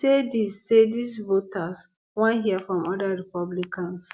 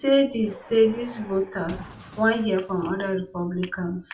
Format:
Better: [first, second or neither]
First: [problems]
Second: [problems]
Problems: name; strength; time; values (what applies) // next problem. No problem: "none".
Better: first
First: none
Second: background sound (Car); 20 dB below the speech // room echo; dies away in 0.2 s